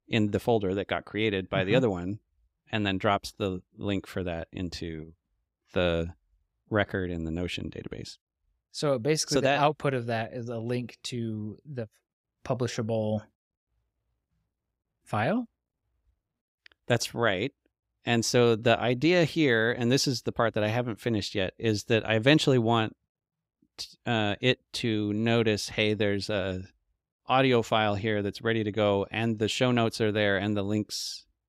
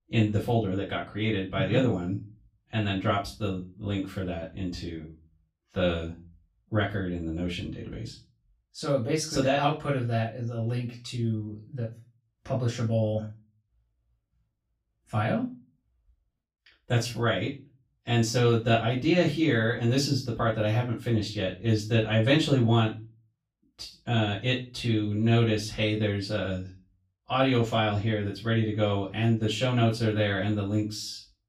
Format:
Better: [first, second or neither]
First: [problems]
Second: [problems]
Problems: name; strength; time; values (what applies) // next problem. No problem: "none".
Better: first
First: none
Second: off-mic speech; far // room echo; slight; dies away in 0.3 s